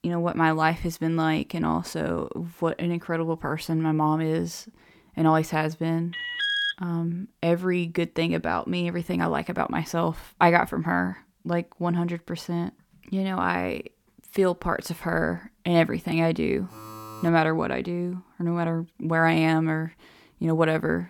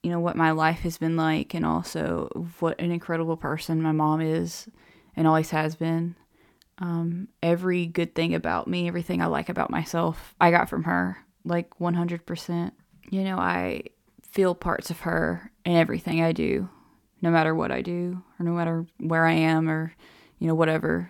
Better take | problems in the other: second | alarm; loud; at 6 s; peak 2 dB above the speech // alarm; faint; at 17 s; peak 15 dB below the speech

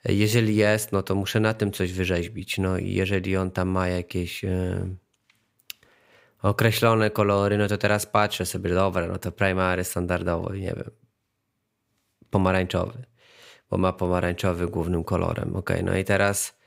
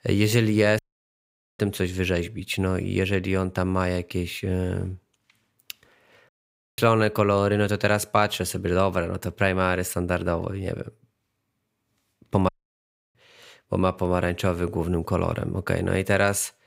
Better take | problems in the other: first | audio cutting out; at 1 s for 1 s, at 6.5 s and at 12 s for 0.5 s

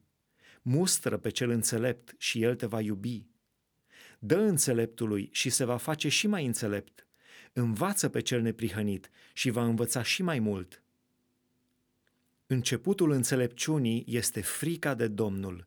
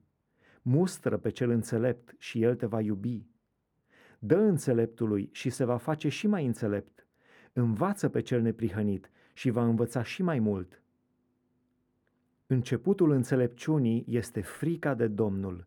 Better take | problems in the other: first | muffled; very; fading above 2 kHz

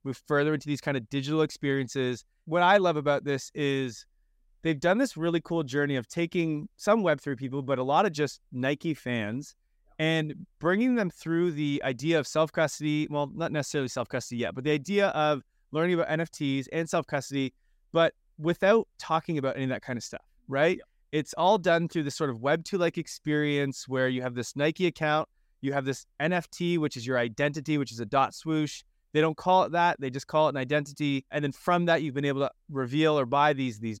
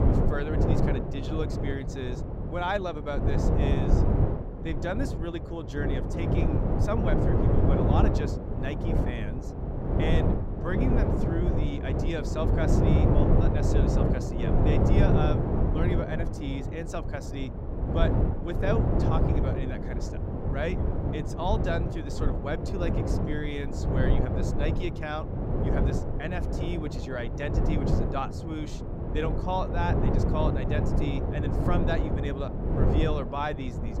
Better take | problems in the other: first | wind noise on the microphone; heavy; 1 dB above the speech

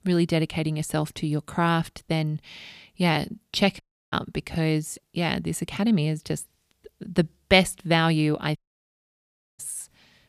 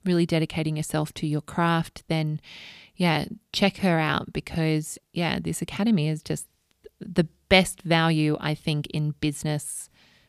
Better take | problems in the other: second | audio cutting out; at 4 s and at 8.5 s for 1 s

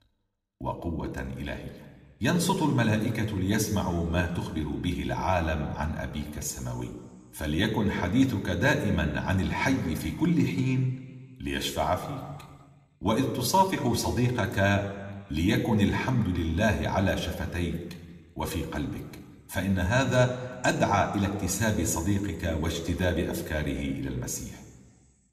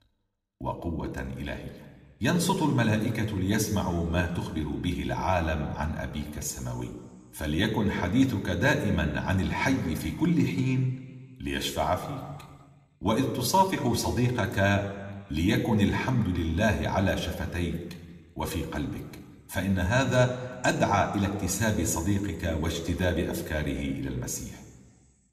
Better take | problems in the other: neither | room echo; slight; dies away in 1.4 s; the same in both

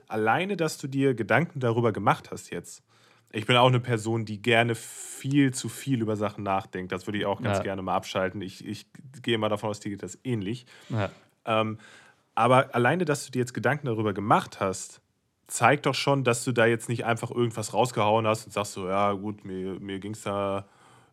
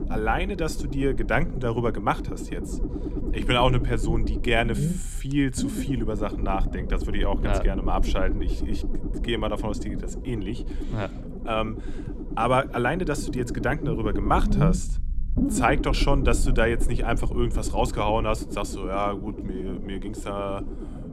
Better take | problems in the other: first | low rumble; noticeable; throughout; 10 dB below the speech

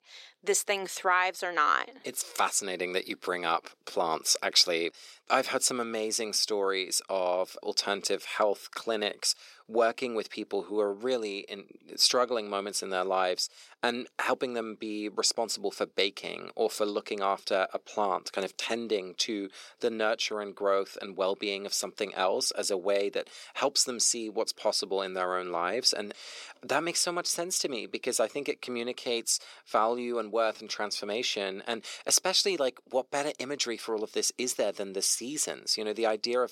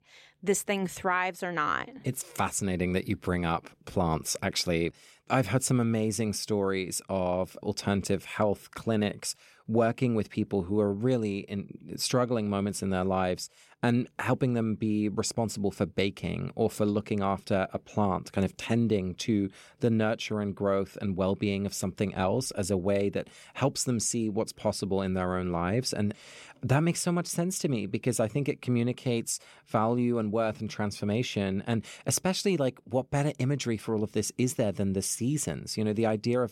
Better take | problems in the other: second | thin; very; fading below 400 Hz

